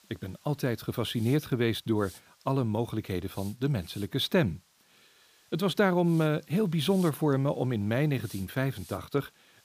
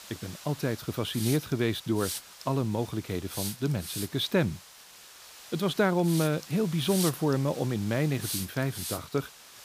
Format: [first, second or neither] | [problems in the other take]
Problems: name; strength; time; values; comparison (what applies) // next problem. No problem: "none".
first | hiss; loud; throughout; 9 dB below the speech; faint in the first